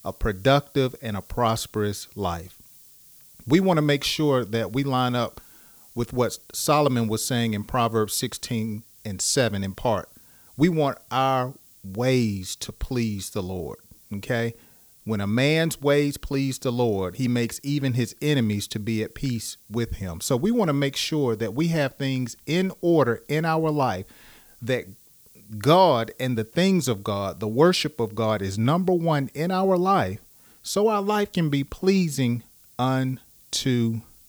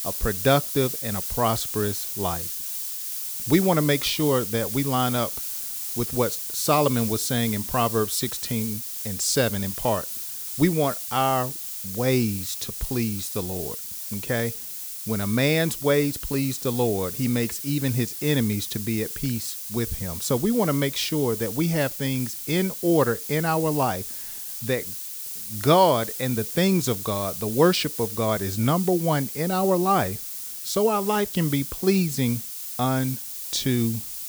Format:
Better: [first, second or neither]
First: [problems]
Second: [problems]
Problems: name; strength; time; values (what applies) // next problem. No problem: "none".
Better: first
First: hiss; faint; throughout; 25 dB below the speech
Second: hiss; loud; throughout; 6 dB below the speech